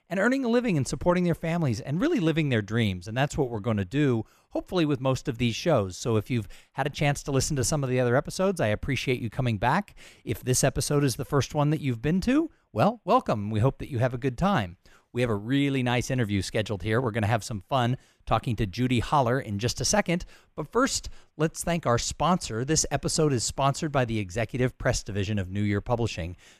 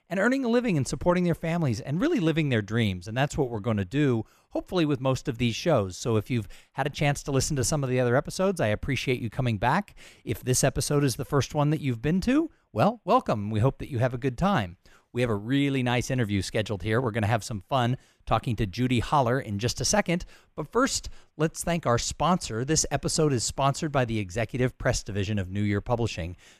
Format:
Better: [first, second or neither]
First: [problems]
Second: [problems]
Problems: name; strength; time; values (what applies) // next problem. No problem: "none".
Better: neither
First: none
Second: none